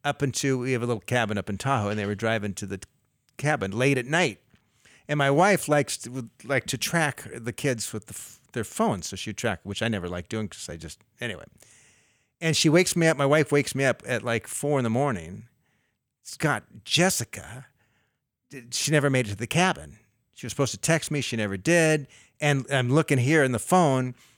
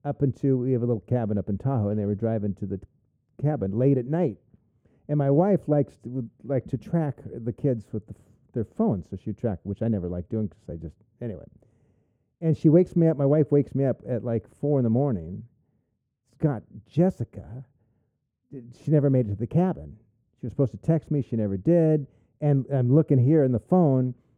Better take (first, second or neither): first